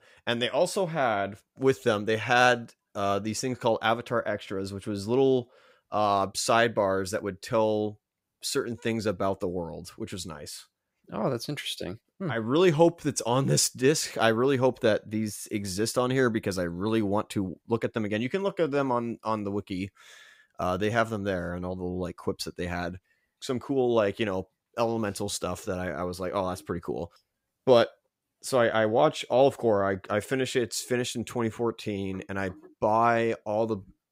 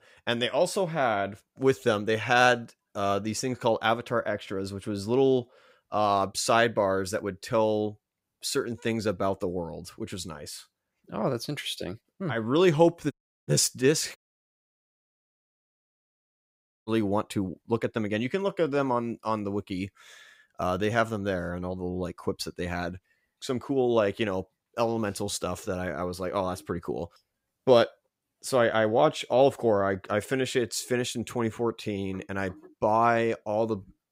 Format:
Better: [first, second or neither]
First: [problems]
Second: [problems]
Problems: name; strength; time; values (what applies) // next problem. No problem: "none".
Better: first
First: none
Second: audio cutting out; at 13 s and at 14 s for 2.5 s